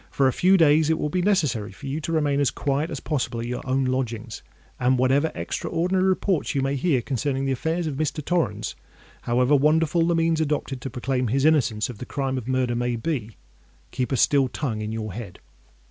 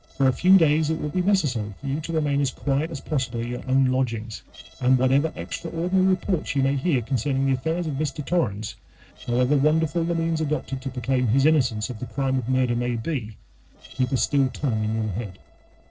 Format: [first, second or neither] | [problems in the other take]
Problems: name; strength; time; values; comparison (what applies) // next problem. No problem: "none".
first | noise reduction (neural separator model SepFormer DNS4)